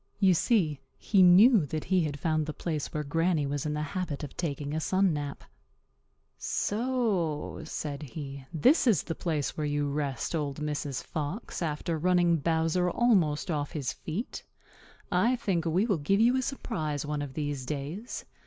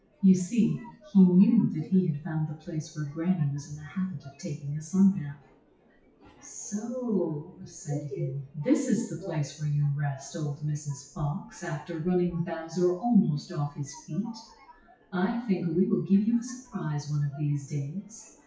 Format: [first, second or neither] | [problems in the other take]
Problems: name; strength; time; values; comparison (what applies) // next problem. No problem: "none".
first | noise reduction (classical method WPE with log-MMSE)